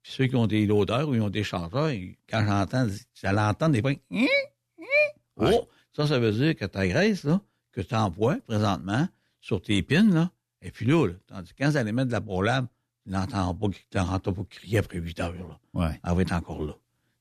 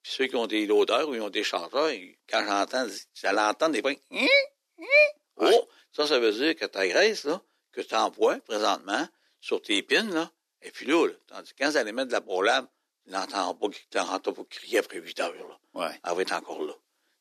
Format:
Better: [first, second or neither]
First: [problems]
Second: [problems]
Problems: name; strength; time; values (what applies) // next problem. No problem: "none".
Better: first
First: none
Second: thin; very; fading below 350 Hz